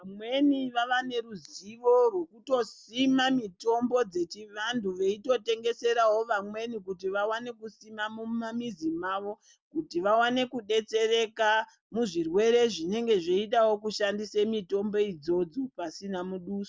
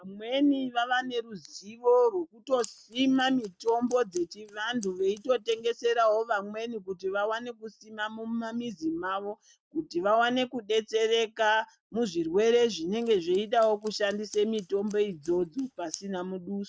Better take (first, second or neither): first